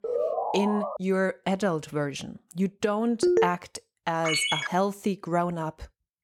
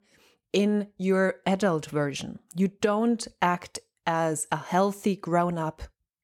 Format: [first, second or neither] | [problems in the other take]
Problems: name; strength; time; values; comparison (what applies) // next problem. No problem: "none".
second | siren; loud; at the start; peak 1 dB above the speech // phone ringing; loud; at 3 s and at 4 s; peak 5 dB above the speech